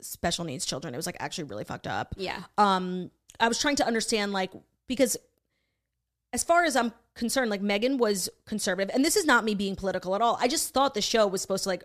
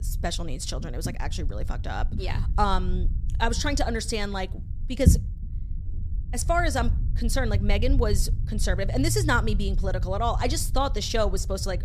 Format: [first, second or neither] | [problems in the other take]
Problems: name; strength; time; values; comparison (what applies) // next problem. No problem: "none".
first | low rumble; noticeable; throughout; 15 dB below the speech